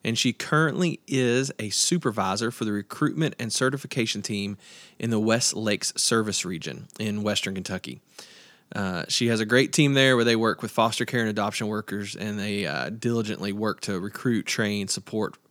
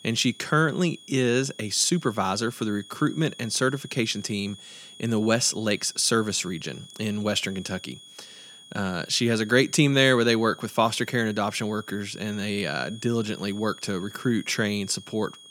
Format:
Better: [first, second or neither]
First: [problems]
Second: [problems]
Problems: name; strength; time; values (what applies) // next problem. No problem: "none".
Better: first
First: none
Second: high-pitched whine; noticeable; throughout; 3.5 kHz, 20 dB below the speech